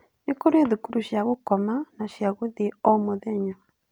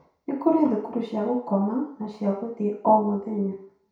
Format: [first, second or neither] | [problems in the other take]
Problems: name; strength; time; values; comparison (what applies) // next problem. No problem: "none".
first | room echo; dies away in 0.6 s